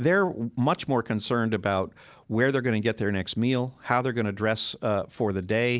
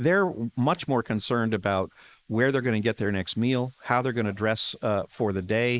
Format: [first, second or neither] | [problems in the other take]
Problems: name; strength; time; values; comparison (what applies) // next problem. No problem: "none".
first | noise reduction (neural mask model Resemble Enhance denoiser)